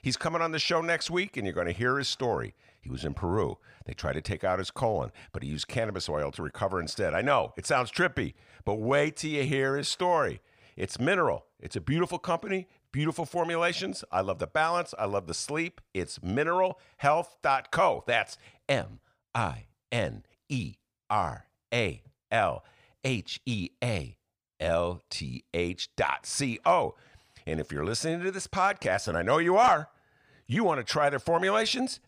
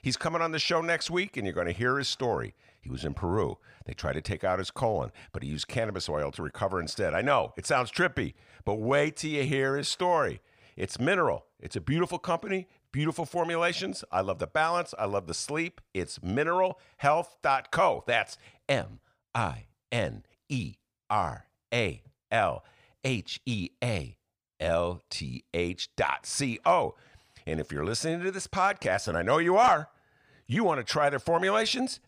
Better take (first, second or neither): neither